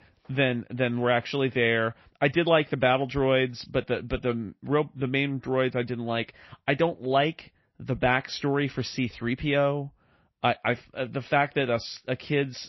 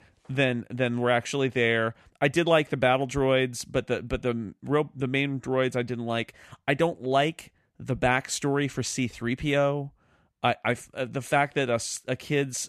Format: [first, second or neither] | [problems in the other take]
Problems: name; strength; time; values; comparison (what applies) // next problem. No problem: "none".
second | garbled, watery; slightly; nothing above 5.5 kHz